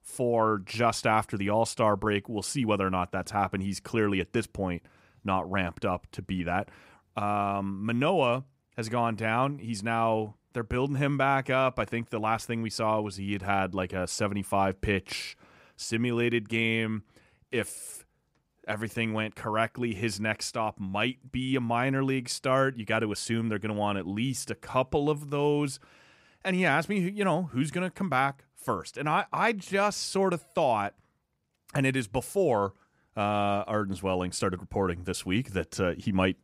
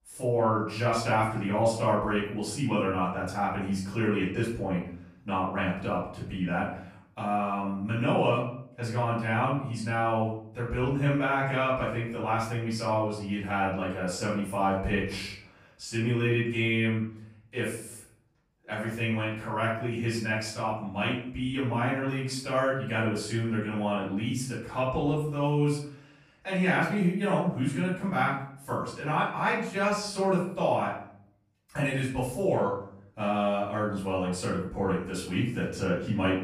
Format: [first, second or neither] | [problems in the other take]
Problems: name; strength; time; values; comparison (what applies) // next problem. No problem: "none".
first | off-mic speech; far // room echo; noticeable; dies away in 0.5 s